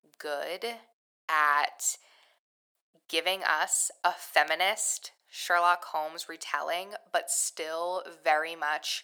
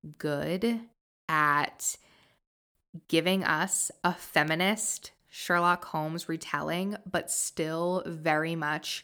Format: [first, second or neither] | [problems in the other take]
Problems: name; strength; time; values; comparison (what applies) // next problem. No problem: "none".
second | thin; very; fading below 550 Hz